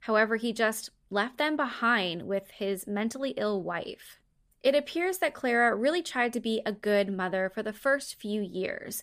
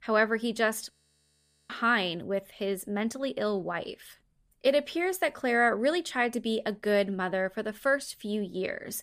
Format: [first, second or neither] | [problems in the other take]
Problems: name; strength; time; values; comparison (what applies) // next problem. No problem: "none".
first | audio freezing; at 1 s for 1 s